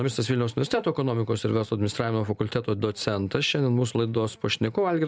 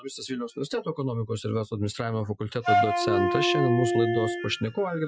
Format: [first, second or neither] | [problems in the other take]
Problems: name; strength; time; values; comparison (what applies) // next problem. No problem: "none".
first | noise reduction (classical method Wiener filter)